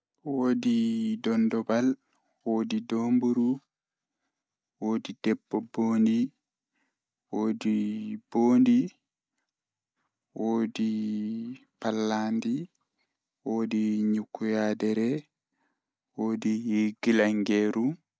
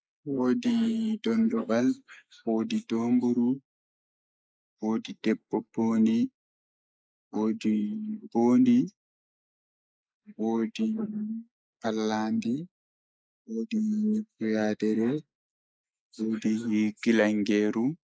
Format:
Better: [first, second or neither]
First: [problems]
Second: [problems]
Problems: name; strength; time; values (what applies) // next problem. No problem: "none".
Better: first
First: none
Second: noise reduction (neural mask model Resemble Enhance denoiser)